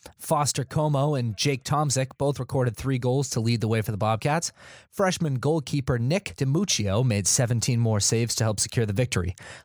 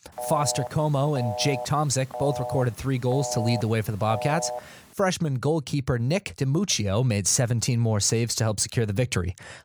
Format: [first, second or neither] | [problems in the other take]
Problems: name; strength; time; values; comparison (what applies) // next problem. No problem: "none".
first | phone ringing; noticeable; until 5 s; peak 7 dB below the speech